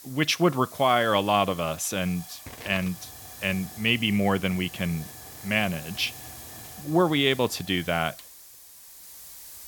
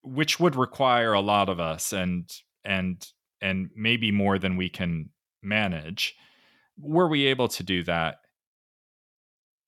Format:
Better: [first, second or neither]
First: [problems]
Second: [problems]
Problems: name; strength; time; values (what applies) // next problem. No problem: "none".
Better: second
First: hiss; noticeable; throughout; 15 dB below the speech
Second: none